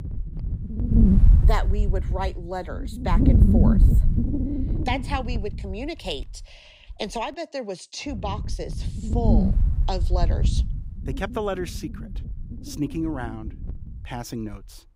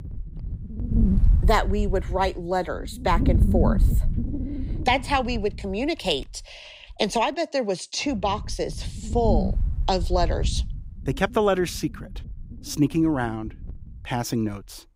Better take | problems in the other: second | wind noise on the microphone; heavy; 3 dB below the speech; occasional gusts in the second

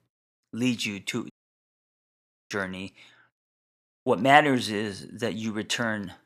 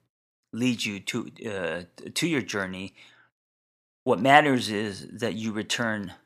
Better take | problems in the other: second | audio cutting out; at 1.5 s for 1 s

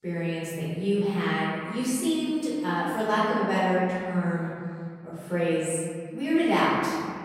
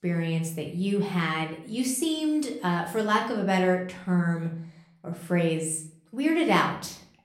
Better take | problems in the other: second | room echo; strong; dies away in 2 s; slight in the second // off-mic speech; far; somewhat distant in the second

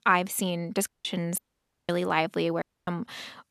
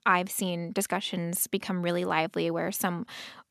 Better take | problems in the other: second | audio cutting out; at 1 s, at 1.5 s for 0.5 s and at 2.5 s

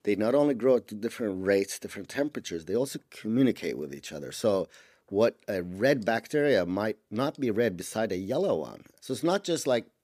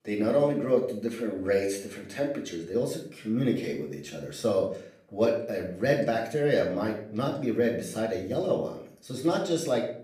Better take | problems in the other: first | off-mic speech; far // room echo; noticeable; dies away in 0.5 s

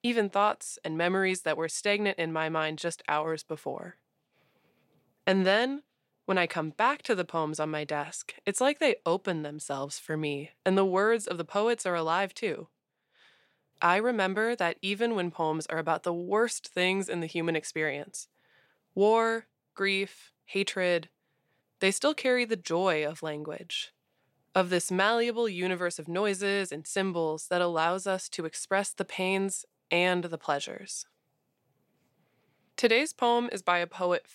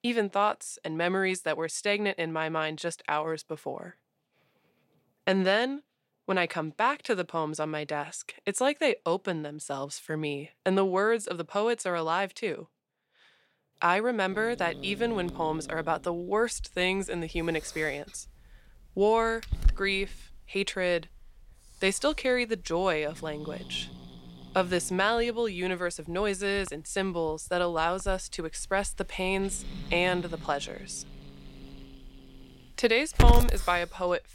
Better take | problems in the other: first | hiss; loud; from 14 s on; 5 dB below the speech

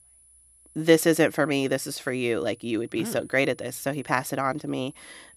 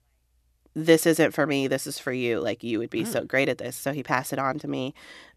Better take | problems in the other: second | high-pitched whine; faint; throughout; 10 kHz, 25 dB below the speech

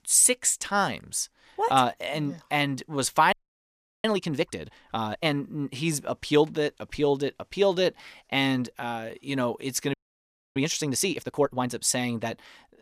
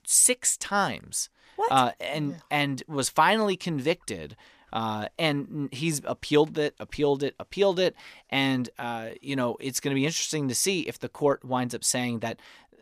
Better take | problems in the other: second | audio freezing; at 3.5 s for 0.5 s and at 10 s for 0.5 s

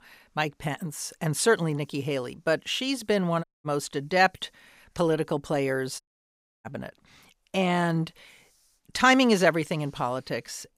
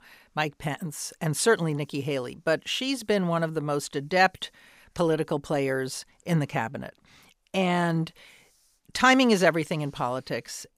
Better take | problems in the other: second | audio cutting out; at 3.5 s and at 6 s for 0.5 s

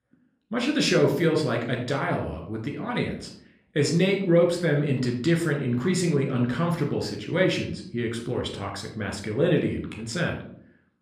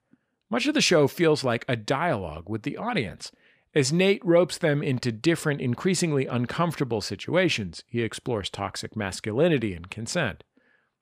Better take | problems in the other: second | off-mic speech; somewhat distant // room echo; slight; dies away in 0.5 s

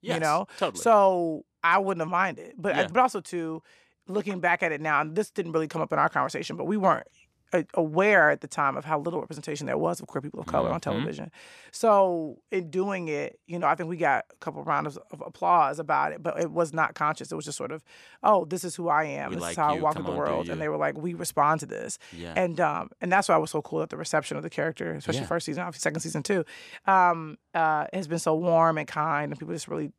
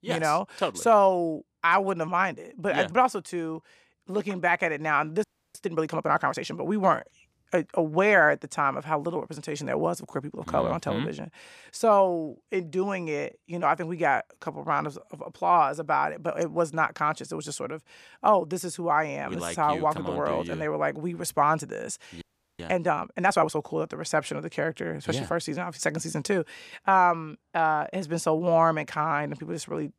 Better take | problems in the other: first | audio freezing; at 5 s and at 22 s

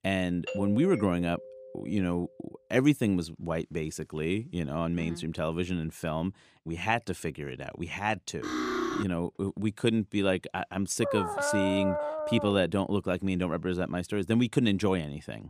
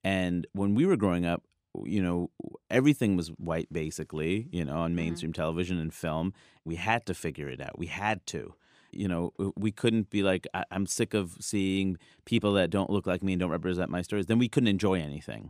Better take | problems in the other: second | doorbell; noticeable; until 2 s; peak 7 dB below the speech // clattering dishes; noticeable; at 8.5 s; peak 1 dB below the speech // dog barking; loud; from 11 to 13 s; peak level with the speech

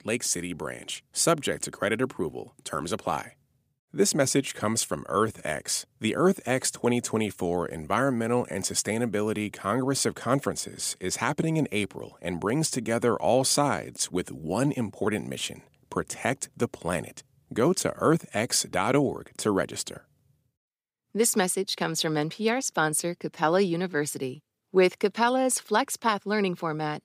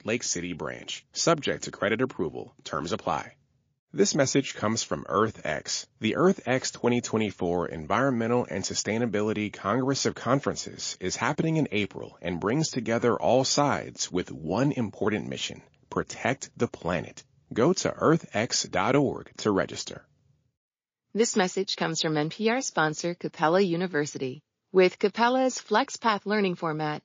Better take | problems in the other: first | garbled, watery; slightly

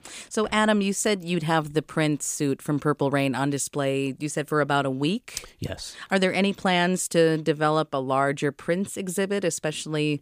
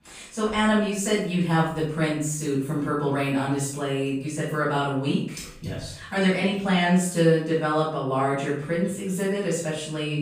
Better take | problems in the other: first | off-mic speech; far // room echo; noticeable; dies away in 0.5 s

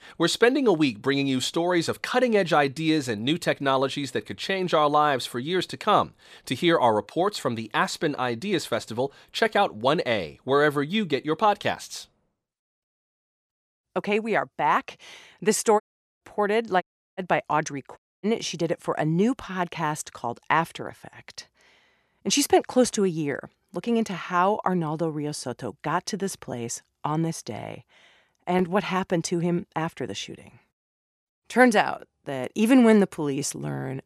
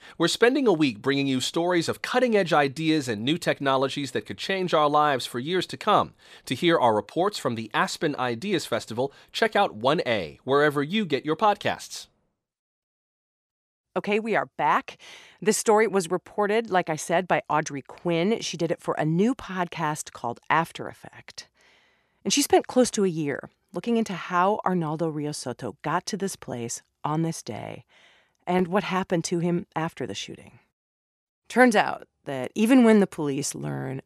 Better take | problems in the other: second | audio cutting out; at 16 s, at 17 s and at 18 s

